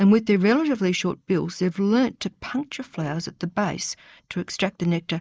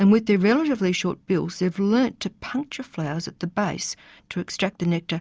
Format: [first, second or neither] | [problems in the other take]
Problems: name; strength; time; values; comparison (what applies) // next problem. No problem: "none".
second | noise reduction (neural mask model Resemble Enhance denoiser)